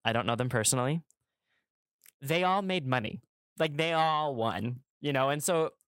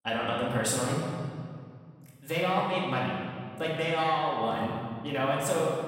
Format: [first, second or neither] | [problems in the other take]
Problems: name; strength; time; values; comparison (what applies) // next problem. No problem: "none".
first | off-mic speech; far // room echo; noticeable; dies away in 1.8 s